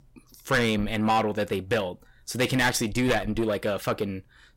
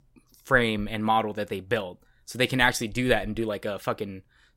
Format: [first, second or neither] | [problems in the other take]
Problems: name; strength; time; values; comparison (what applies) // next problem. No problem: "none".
second | distortion; heavy; 8 dB below the speech